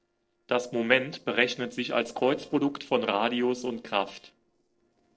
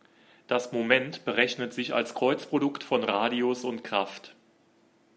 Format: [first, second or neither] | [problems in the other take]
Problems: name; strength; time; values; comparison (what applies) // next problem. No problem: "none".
second | noise reduction (neural separator model SepFormer DNS4)